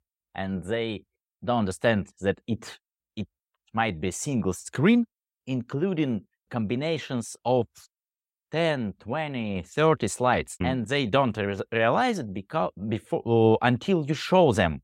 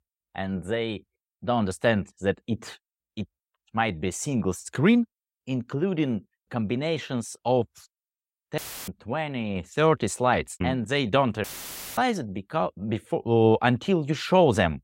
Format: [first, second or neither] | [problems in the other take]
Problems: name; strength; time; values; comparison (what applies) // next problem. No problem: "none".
first | audio cutting out; filled with static; at 8.5 s and at 11 s for 0.5 s